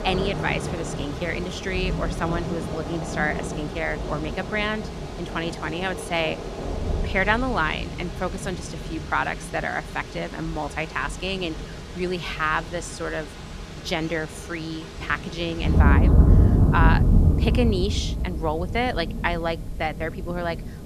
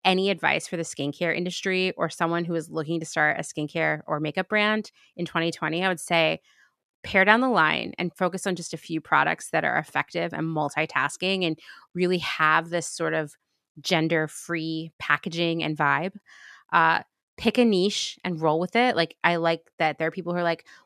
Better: second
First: rain or running water; very loud; throughout; 1 dB above the speech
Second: none

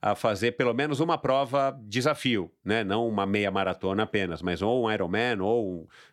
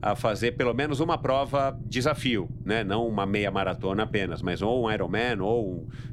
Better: first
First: none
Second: low rumble; faint; throughout; 20 dB below the speech

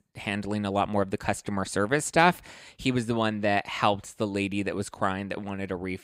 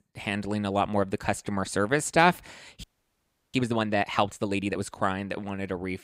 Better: first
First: none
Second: audio freezing; at 3 s for 0.5 s

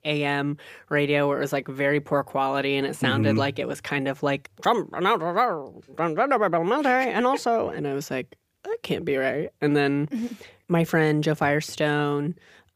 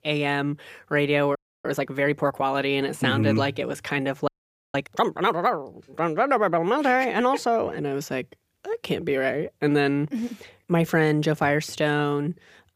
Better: first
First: none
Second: audio freezing; at 1.5 s and at 4.5 s

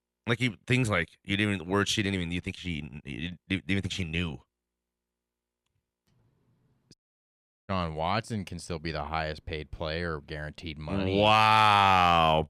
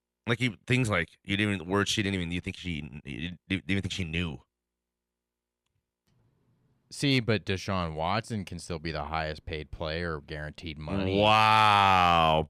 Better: second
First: audio cutting out; at 7 s for 0.5 s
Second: none

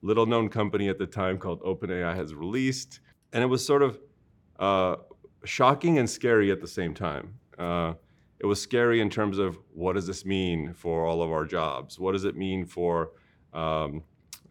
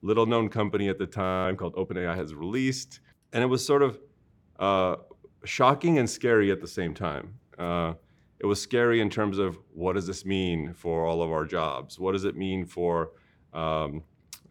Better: first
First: none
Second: audio freezing; at 1 s

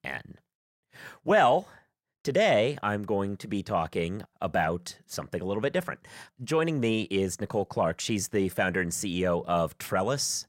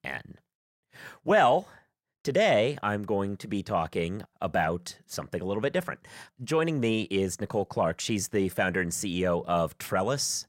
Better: neither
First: none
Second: none

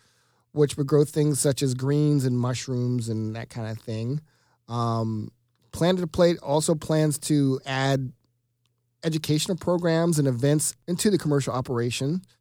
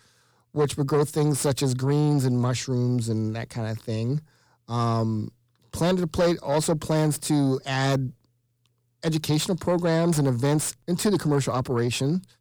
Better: first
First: none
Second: distortion; slight; 10 dB below the speech

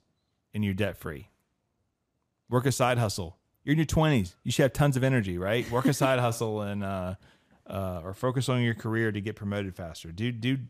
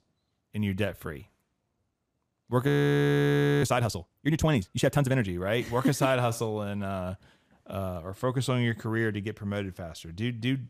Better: first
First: none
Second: audio freezing; at 2.5 s for 1 s

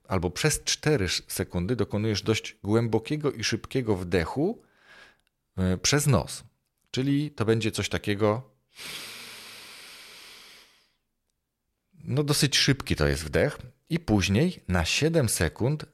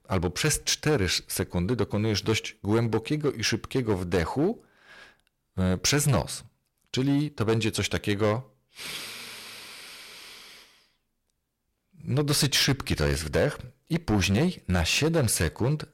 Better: first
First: none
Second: distortion; slight; 6% of the sound clipped

